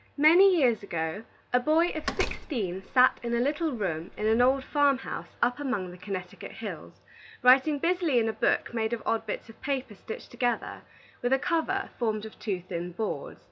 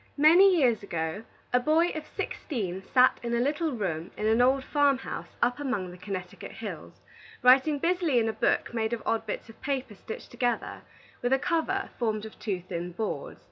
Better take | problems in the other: second | background sound (Slam); 11 dB below the speech

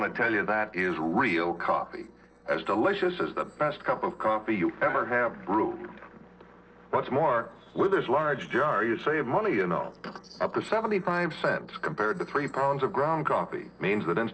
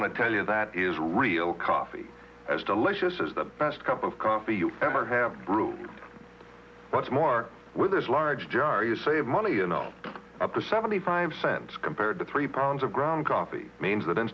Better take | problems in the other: second | noise reduction (neural separator model SepFormer DNS4)

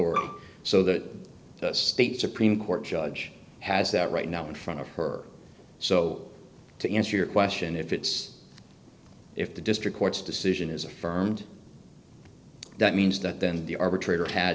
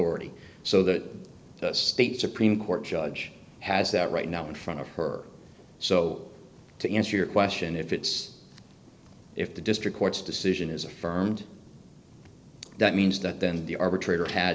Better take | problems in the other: second | background sound (Bowed string instrument); 6 dB below the speech

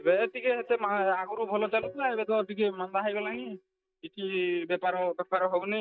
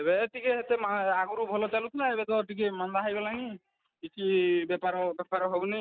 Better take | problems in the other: second | noise reduction (neural mask model DeepFilterNet 3)

